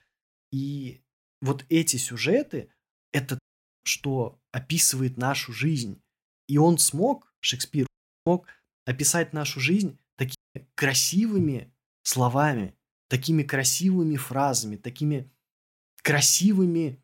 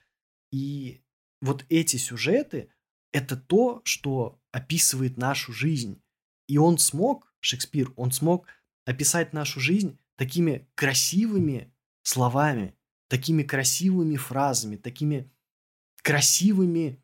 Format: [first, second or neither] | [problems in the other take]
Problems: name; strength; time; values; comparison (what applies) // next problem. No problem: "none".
second | audio cutting out; at 3.5 s, at 8 s and at 10 s